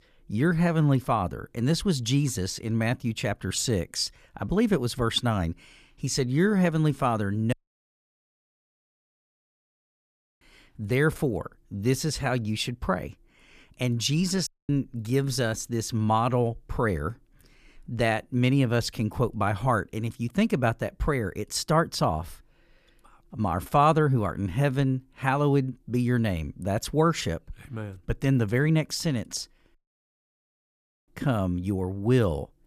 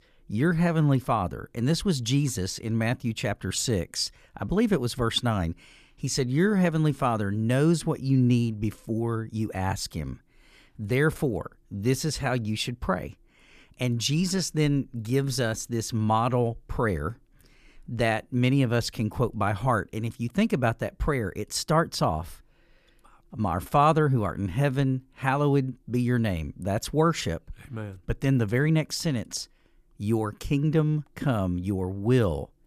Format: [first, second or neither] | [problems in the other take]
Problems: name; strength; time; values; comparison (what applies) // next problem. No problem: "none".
second | audio cutting out; at 7.5 s for 3 s, at 14 s and at 30 s for 1.5 s